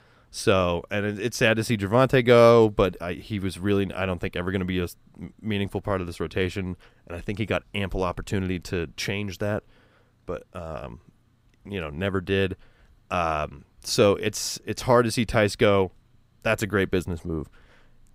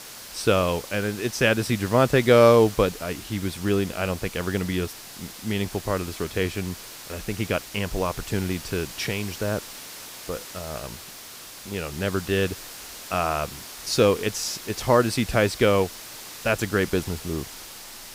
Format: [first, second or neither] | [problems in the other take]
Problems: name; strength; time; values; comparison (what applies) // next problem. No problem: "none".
first | hiss; noticeable; throughout; 15 dB below the speech